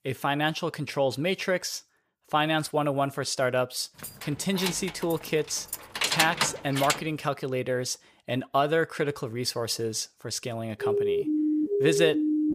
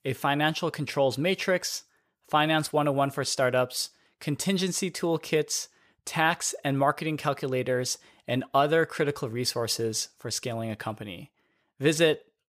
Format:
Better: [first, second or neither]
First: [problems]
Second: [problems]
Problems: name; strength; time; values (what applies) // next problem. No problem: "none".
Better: second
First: jangling keys; loud; from 4 to 7 s; peak 4 dB above the speech // siren; loud; from 11 s on; peak 3 dB above the speech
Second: none